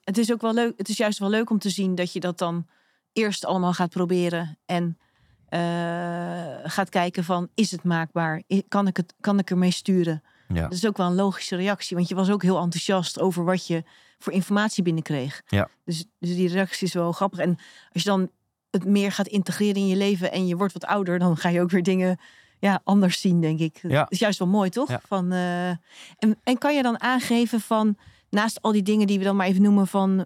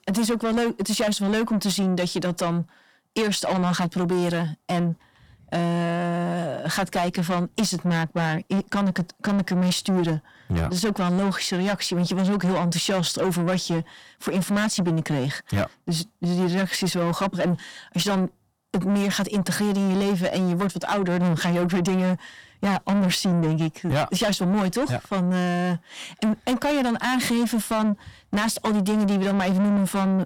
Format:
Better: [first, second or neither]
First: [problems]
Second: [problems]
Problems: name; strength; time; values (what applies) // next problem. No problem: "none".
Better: first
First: none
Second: distortion; heavy; 7 dB below the speech